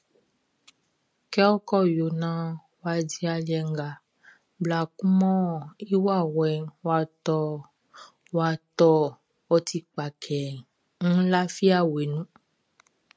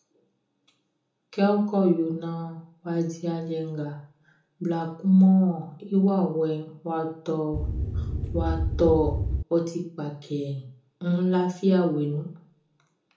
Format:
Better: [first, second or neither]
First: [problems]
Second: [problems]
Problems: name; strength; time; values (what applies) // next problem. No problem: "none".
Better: first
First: none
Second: background sound (Wind); 1 dB below the speech // room echo; dies away in 1 s